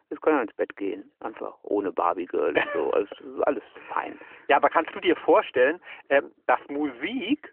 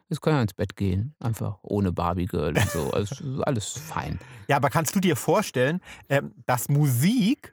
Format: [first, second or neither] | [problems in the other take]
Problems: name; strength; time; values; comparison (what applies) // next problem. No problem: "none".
second | phone-call audio; nothing above 3 kHz